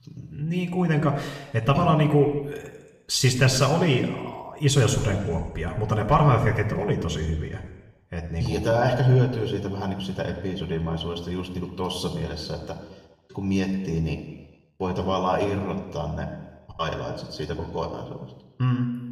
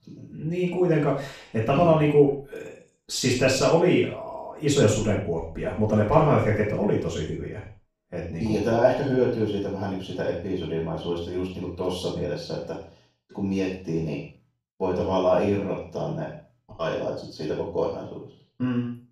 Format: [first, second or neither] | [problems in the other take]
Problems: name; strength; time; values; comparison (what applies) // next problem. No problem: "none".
first | room echo; strong; dies away in 0.4 s; slight in the first // off-mic speech; far; somewhat distant in the first